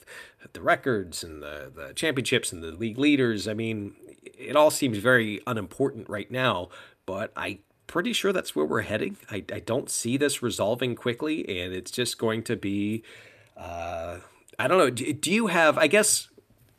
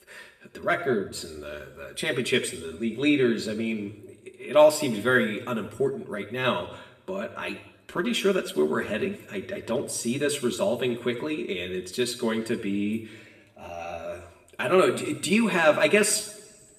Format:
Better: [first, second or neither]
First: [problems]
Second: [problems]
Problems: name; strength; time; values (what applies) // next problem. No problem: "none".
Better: first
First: none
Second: room echo; slight; dies away in 0.8 s // off-mic speech; somewhat distant